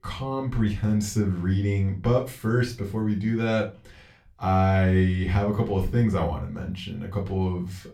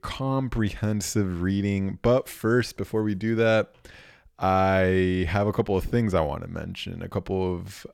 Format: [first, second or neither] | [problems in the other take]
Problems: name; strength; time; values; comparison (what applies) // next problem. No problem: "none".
second | off-mic speech; far // room echo; very slight; dies away in 0.3 s